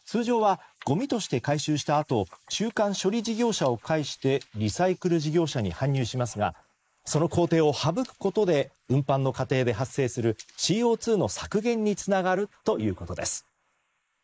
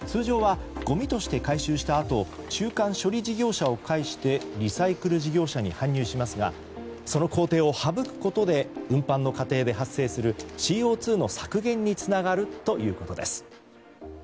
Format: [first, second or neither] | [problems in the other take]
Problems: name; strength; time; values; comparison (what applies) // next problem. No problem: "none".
second | noise reduction (neural mask model Resemble Enhance denoiser)